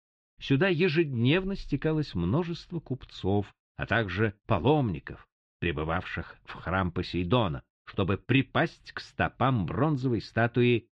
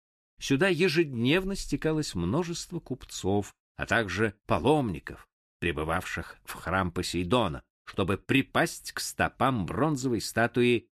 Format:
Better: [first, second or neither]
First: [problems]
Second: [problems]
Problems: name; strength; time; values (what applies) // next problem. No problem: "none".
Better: second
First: muffled; slightly; fading above 3.5 kHz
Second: none